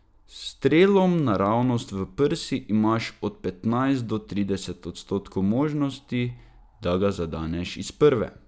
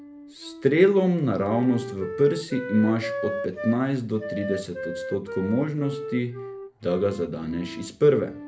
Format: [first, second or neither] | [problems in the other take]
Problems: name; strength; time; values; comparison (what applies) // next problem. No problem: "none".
first | background sound (Wind instrument, woodwind instrument); 10 dB below the speech // room echo; dies away in 0.3 s